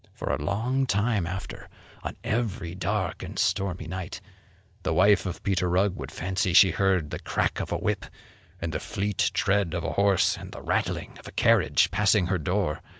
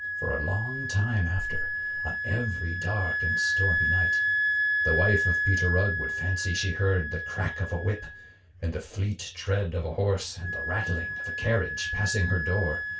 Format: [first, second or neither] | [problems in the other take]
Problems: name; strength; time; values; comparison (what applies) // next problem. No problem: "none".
first | background sound (Wind instrument, woodwind instrument); 1 dB below the speech // room echo; dies away in 0.2 s